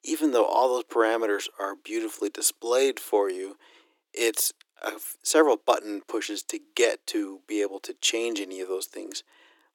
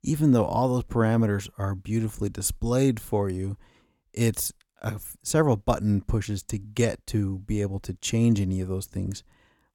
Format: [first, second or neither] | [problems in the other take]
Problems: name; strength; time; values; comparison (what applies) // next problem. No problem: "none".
second | thin; very; fading below 300 Hz